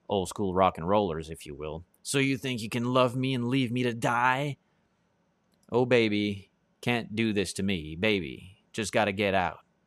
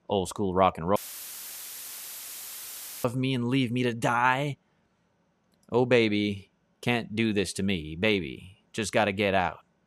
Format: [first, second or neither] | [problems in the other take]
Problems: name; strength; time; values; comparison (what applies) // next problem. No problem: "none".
first | audio cutting out; filled with static; at 1 s for 2 s